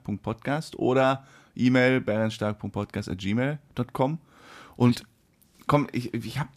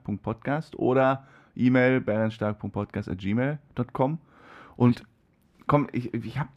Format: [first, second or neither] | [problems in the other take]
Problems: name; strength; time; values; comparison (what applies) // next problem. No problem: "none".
first | muffled; slightly; fading above 3.5 kHz